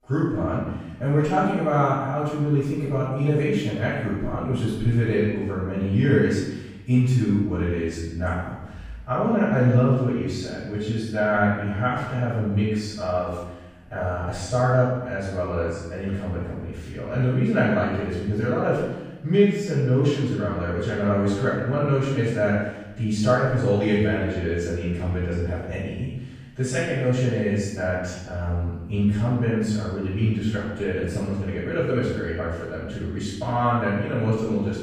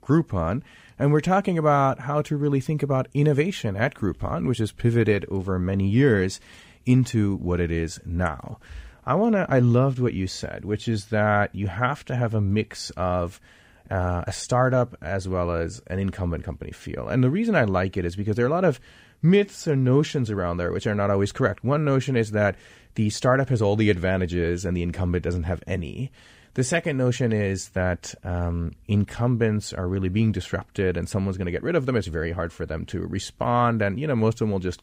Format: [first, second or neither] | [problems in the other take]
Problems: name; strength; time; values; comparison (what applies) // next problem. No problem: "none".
second | off-mic speech; far // room echo; strong; dies away in 1 s